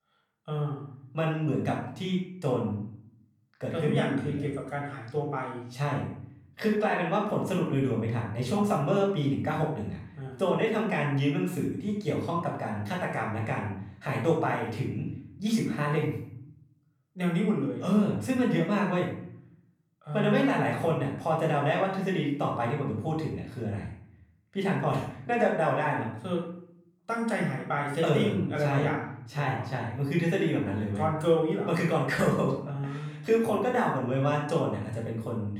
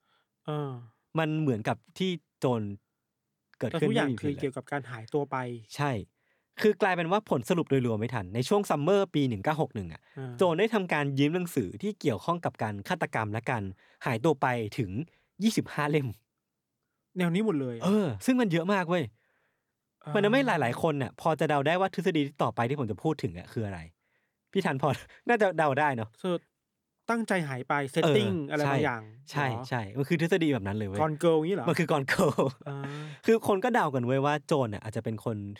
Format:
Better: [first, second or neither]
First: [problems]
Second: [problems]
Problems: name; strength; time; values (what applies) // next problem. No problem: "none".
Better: second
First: off-mic speech; far // room echo; noticeable; dies away in 0.6 s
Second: none